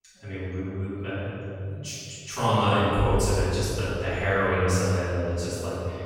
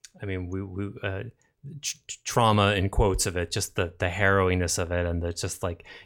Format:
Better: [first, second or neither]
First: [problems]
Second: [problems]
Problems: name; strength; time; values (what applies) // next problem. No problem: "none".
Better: second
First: off-mic speech; far // room echo; strong; dies away in 2.3 s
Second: none